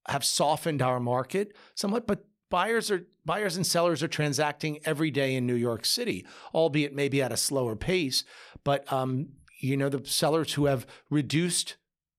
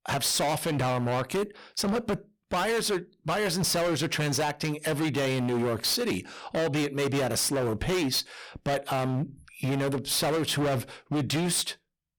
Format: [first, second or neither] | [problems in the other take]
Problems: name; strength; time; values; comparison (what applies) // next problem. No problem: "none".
first | distortion; heavy; 26% of the sound clipped